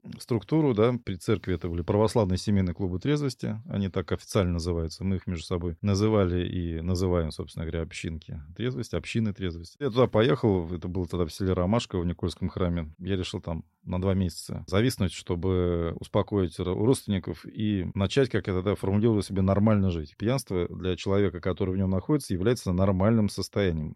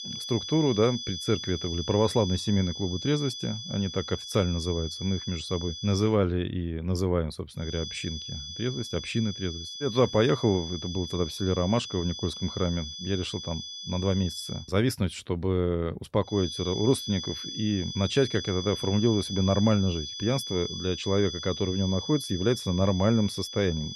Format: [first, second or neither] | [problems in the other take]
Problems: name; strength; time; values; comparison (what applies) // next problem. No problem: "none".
first | high-pitched whine; loud; until 6 s, from 7.5 to 15 s and from 16 s on; 3.5 kHz, 8 dB below the speech